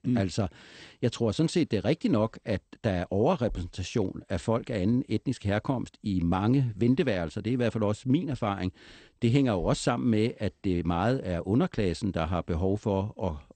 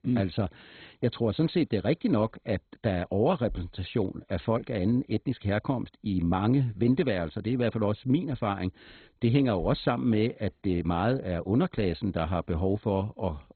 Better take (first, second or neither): first